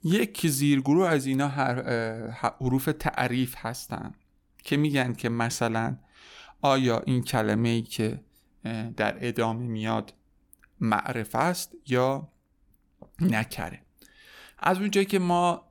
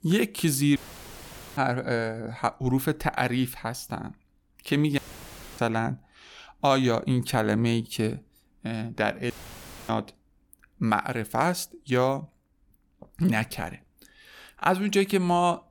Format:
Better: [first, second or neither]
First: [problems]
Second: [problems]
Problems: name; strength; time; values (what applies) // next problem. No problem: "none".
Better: first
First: none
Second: audio cutting out; filled with static; at 1 s for 1 s, at 5 s for 0.5 s and at 9.5 s for 0.5 s